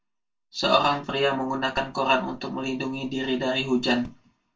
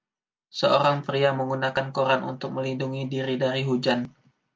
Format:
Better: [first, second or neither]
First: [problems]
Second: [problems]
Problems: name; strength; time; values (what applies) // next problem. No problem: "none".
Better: second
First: room echo; dies away in 0.2 s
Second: none